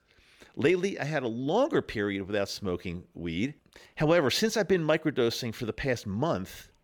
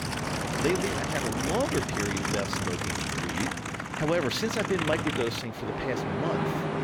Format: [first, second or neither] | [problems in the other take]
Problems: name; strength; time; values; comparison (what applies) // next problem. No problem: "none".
first | train or aircraft noise; very loud; throughout; 1 dB above the speech